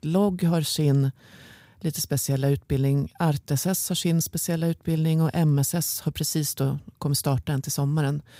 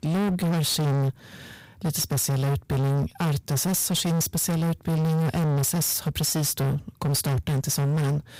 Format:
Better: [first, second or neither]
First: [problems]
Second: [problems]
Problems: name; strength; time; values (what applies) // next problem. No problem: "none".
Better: first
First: none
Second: distortion; heavy; 36% of the sound clipped